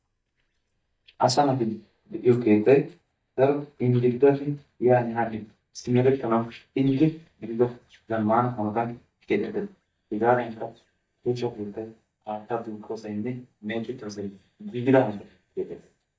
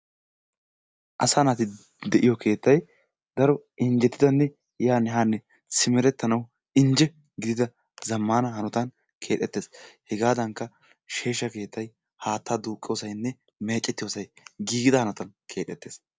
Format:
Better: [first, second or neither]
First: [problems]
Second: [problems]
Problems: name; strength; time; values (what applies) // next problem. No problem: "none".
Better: second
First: noise reduction (neural mask model DeepFilterNet 3)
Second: none